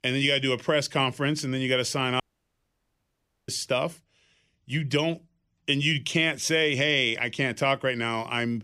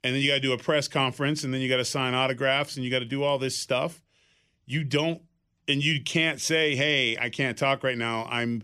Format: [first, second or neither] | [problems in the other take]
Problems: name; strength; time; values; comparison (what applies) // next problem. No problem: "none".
second | audio cutting out; at 2 s for 1.5 s